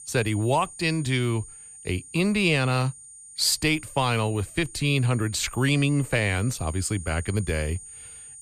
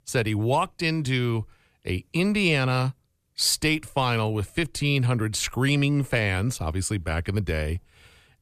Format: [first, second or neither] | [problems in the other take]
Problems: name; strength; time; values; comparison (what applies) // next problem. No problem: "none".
second | high-pitched whine; noticeable; throughout; 9 kHz, 15 dB below the speech